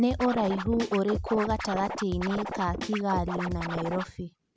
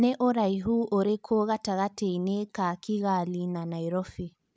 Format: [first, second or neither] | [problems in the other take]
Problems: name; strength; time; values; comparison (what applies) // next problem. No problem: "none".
second | background sound (Scratching (performance technique)); 6 dB below the speech